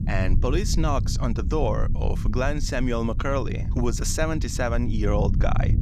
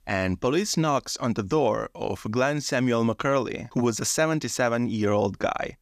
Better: second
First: low rumble; noticeable; throughout; 15 dB below the speech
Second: none

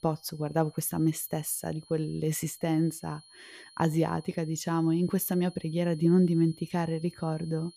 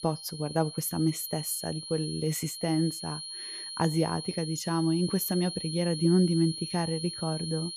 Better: first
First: high-pitched whine; faint; throughout; 4.5 kHz, 25 dB below the speech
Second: high-pitched whine; loud; throughout; 4.5 kHz, 8 dB below the speech

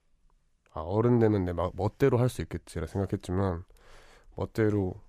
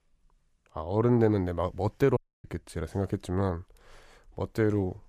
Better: first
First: none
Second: audio cutting out; at 2 s

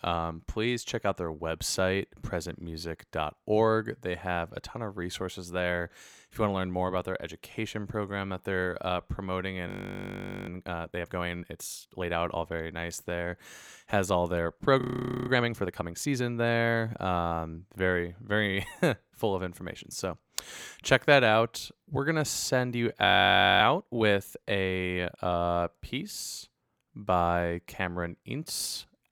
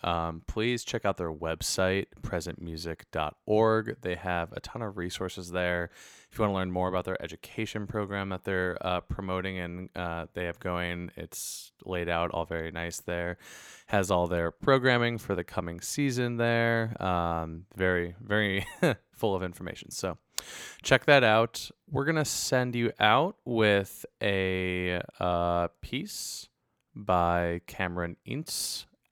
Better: second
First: audio freezing; at 9.5 s for 1 s, at 15 s and at 23 s for 0.5 s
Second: none

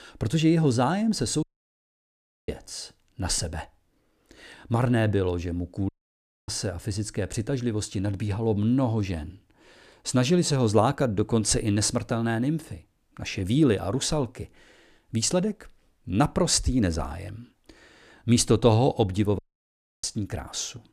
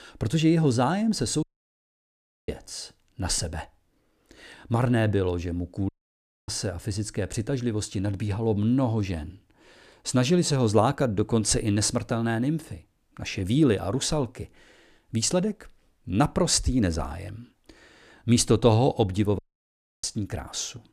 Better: neither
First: audio cutting out; at 1.5 s for 1 s, at 6 s for 0.5 s and at 19 s for 0.5 s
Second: audio cutting out; at 1.5 s for 1 s, at 6 s for 0.5 s and at 19 s for 0.5 s

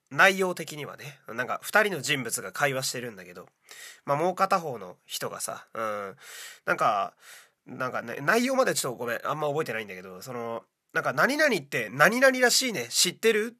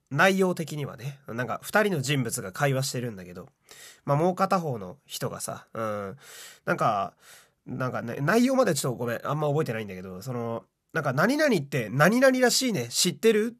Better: second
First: thin; very slightly; fading below 1 kHz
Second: none

